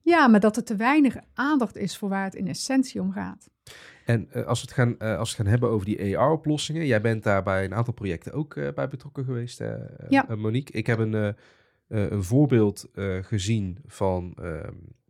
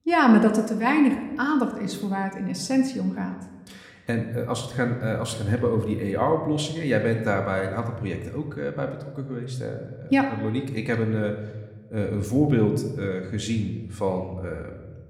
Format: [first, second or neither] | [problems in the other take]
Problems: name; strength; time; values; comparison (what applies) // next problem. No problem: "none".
first | room echo; slight; dies away in 0.9 s